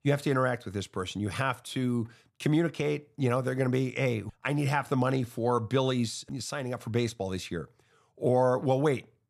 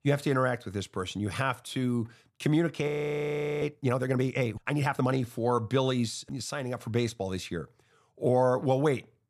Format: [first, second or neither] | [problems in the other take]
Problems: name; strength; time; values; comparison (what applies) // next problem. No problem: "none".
first | audio freezing; at 3 s for 0.5 s